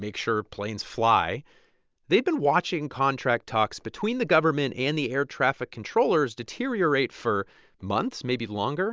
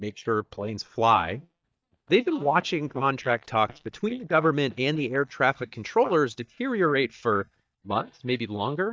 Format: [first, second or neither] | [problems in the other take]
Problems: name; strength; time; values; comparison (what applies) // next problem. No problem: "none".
first | noise reduction (neural mask model DeepFilterNet 3)